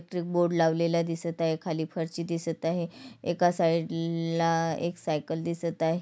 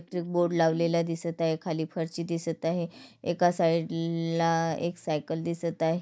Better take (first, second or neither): first